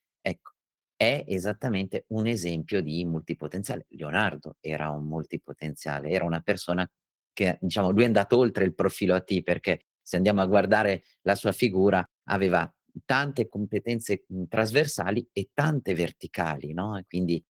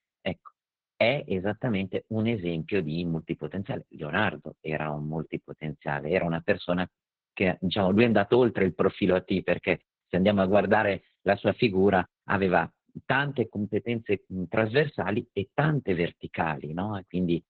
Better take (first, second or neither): first